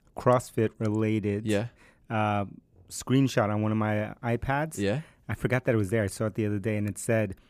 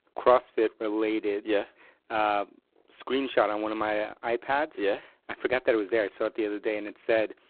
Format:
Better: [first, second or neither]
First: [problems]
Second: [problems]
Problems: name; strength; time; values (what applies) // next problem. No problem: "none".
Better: first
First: none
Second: phone-call audio; poor line; nothing above 4 kHz